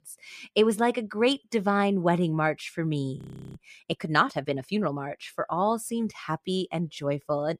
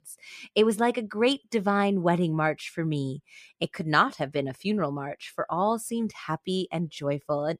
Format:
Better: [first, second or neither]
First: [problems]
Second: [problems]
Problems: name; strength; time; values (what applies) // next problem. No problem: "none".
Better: second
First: audio freezing; at 3 s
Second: none